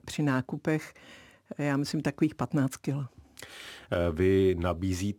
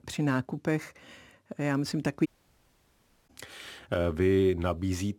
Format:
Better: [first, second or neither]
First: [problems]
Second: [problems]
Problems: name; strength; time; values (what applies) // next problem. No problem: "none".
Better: first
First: none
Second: audio cutting out; at 2.5 s for 1 s